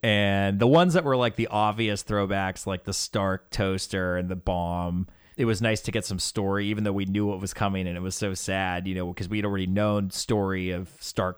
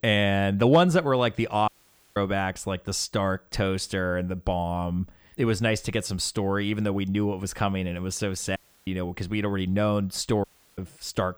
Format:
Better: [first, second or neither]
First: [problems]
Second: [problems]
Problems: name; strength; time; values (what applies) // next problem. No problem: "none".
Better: first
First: none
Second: audio cutting out; at 1.5 s, at 8.5 s and at 10 s